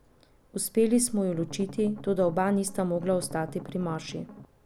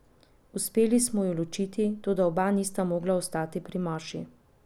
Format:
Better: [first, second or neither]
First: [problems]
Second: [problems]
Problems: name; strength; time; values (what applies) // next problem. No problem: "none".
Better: second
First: background sound (Strum); 16 dB below the speech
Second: none